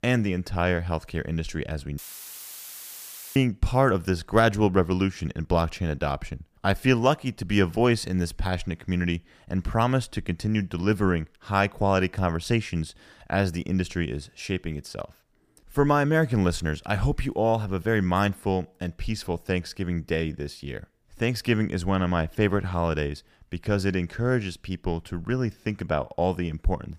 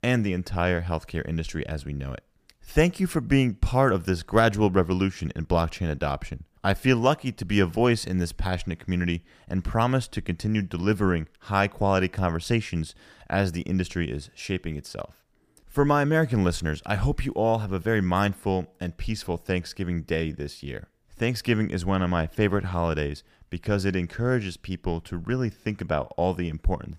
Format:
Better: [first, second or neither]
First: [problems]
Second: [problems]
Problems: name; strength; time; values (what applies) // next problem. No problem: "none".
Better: second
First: audio cutting out; filled with static; at 2 s for 1.5 s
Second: none